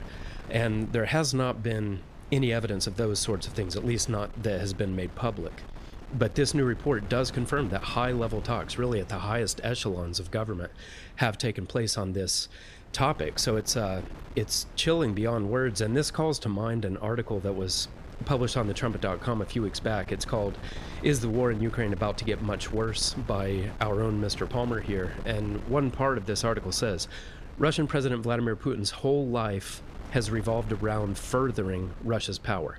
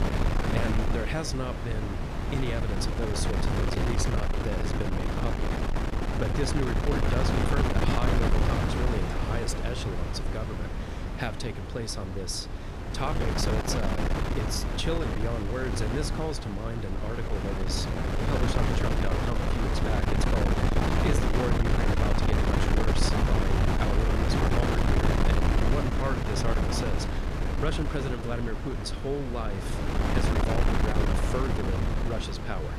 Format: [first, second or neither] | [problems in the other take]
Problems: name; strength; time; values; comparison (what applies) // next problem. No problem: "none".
first | wind noise on the microphone; heavy; 3 dB above the speech; occasional gusts in the first